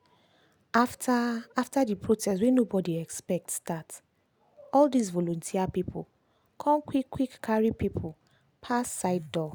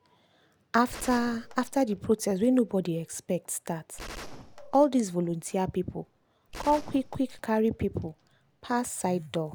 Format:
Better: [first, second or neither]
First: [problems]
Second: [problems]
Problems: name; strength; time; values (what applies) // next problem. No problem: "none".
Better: first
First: none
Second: background sound (Gunshot, gunfire); 17 dB below the speech